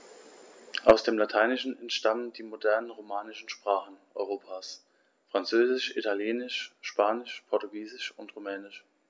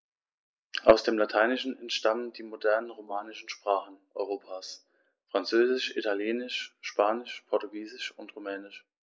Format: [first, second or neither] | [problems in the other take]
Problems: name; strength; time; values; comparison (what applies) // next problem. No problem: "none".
first | noise reduction (neural mask model Resemble Enhance denoiser)